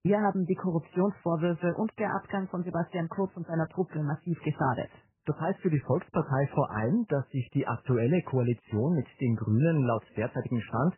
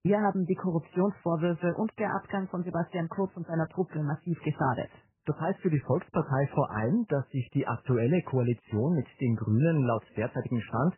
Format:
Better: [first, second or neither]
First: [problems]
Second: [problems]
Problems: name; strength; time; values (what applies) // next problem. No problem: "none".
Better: neither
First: garbled, watery; badly; nothing above 3 kHz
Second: garbled, watery; badly; nothing above 3 kHz